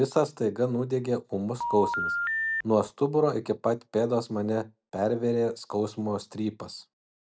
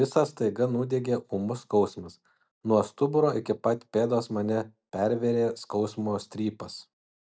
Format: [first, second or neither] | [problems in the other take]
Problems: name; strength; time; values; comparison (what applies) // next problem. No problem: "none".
second | background sound (Telephone); 2 dB below the speech